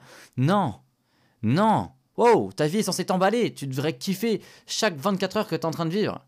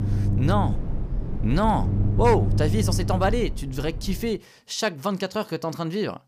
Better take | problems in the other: first | low rumble; noticeable; until 4.5 s; 10 dB below the speech

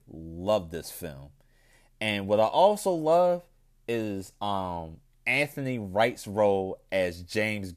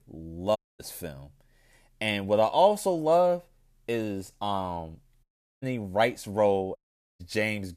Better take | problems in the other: first | audio cutting out; at 0.5 s, at 5 s and at 7 s

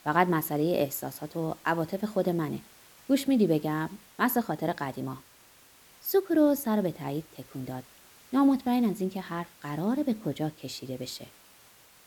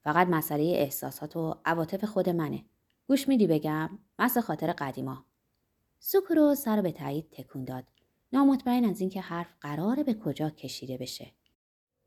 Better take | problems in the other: second | hiss; faint; throughout; 25 dB below the speech

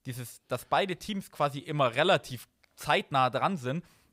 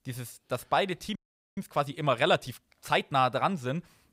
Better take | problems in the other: first | audio freezing; at 1 s

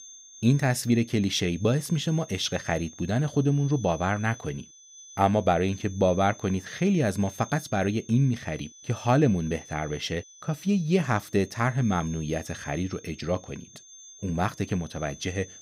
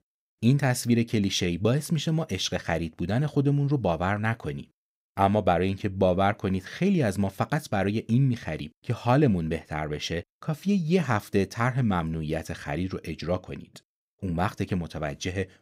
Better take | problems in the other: second | high-pitched whine; noticeable; throughout; 6.5 kHz, 20 dB below the speech

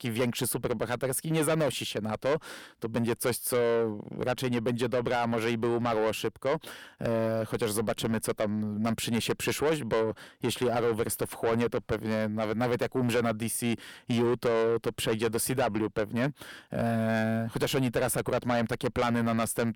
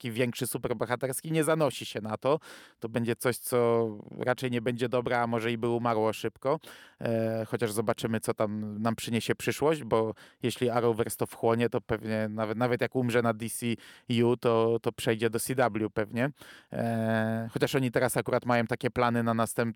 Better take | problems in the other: second | distortion; heavy; 7 dB below the speech

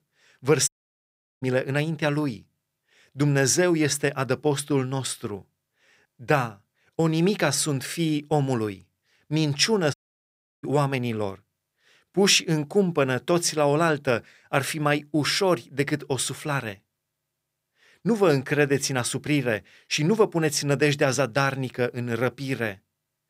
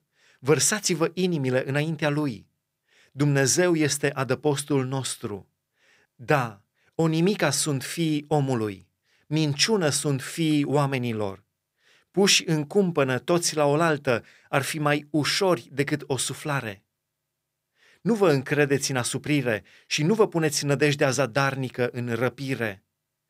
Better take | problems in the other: second | audio cutting out; at 0.5 s for 0.5 s and at 10 s for 0.5 s

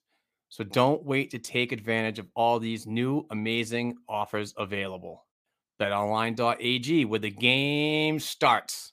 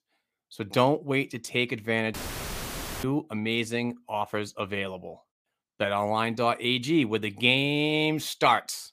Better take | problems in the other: first | audio cutting out; filled with static; at 2 s for 1 s

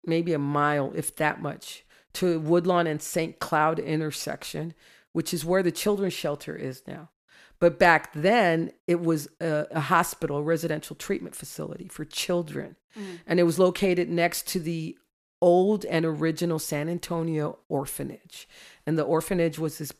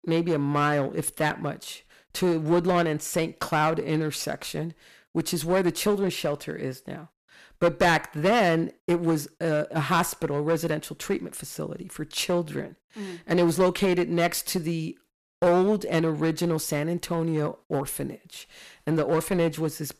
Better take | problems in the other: first | distortion; slight; 5% of the sound clipped

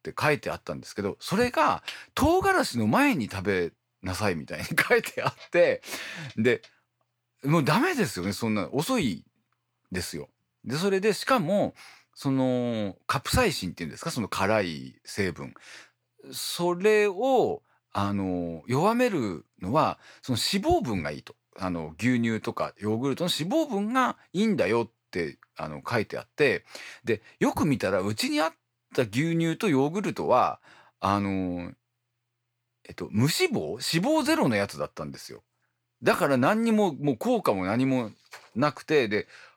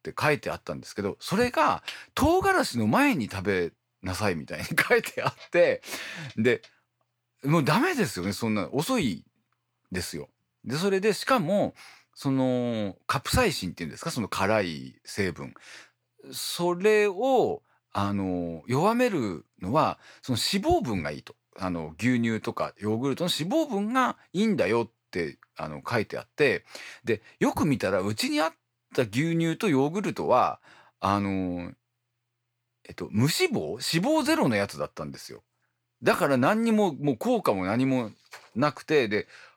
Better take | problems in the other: neither | none

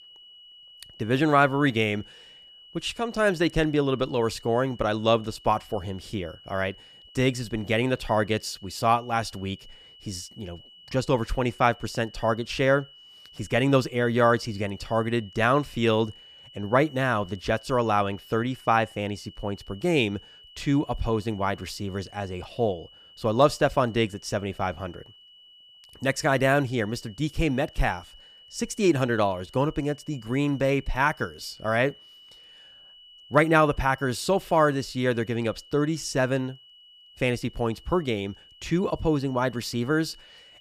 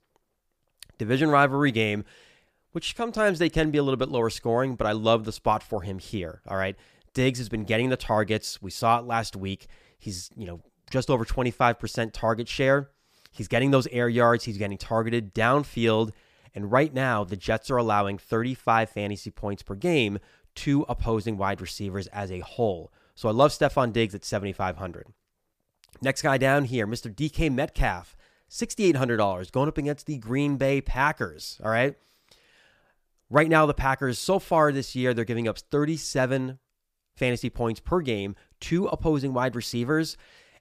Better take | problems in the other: second | high-pitched whine; faint; throughout; 3 kHz, 25 dB below the speech

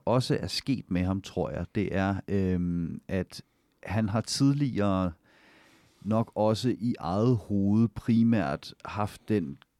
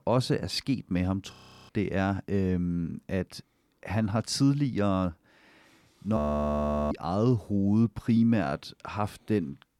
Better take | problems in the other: first | audio freezing; at 1.5 s and at 6 s for 0.5 s

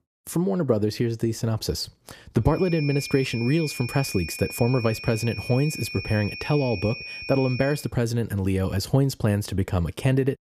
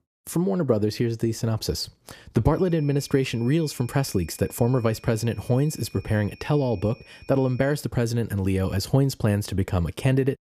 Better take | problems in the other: second | high-pitched whine; loud; from 2.5 to 8 s; 2.5 kHz, 10 dB below the speech; faint in the second

